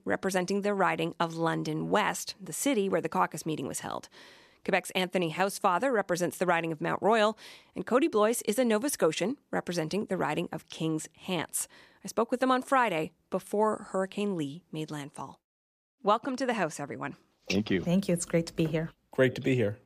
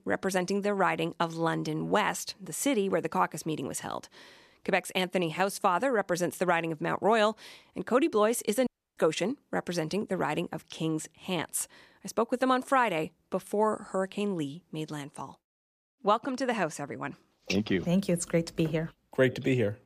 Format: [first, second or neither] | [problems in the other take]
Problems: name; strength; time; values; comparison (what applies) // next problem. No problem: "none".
first | audio cutting out; at 8.5 s